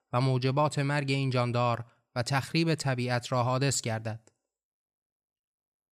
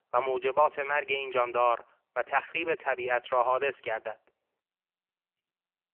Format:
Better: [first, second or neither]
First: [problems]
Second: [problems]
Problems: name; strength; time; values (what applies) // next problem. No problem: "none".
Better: first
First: none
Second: phone-call audio; poor line; nothing above 3 kHz